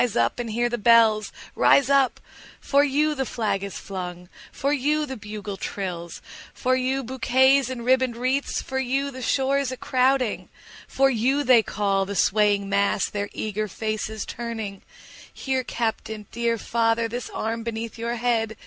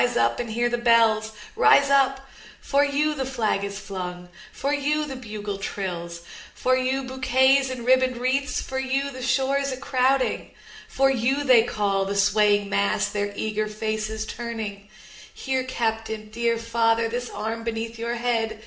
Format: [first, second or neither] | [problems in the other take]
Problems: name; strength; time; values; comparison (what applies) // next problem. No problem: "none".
first | room echo; dies away in 0.6 s